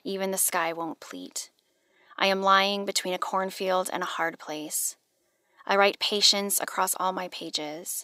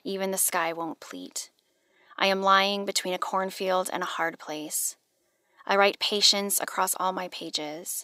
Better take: neither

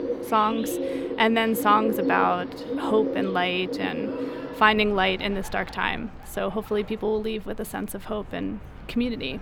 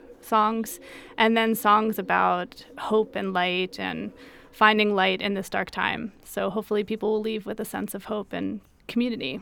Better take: second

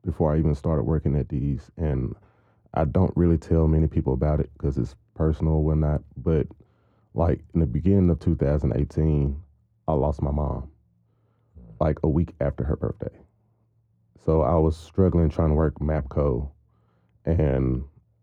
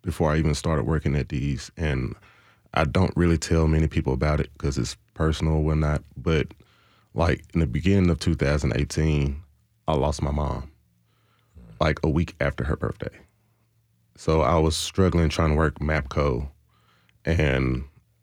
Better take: second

